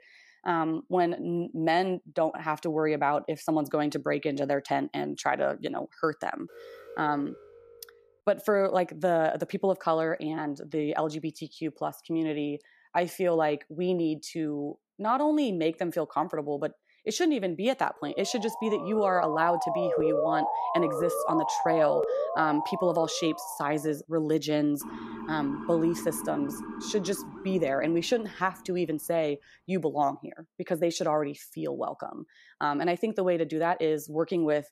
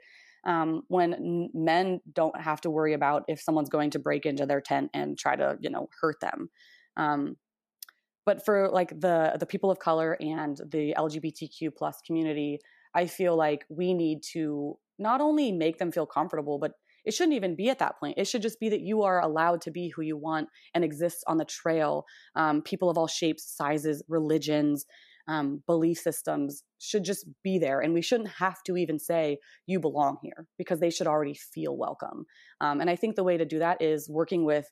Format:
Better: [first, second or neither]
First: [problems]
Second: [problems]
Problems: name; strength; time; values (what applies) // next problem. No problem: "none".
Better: second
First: alarm; faint; from 6.5 to 8 s; peak 15 dB below the speech // siren; loud; from 18 to 24 s; peak 3 dB above the speech // siren; noticeable; from 25 to 29 s; peak 9 dB below the speech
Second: none